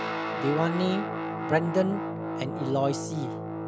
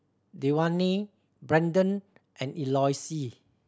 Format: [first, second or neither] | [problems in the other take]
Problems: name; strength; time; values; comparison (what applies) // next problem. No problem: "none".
second | background sound (Guitar); 3 dB below the speech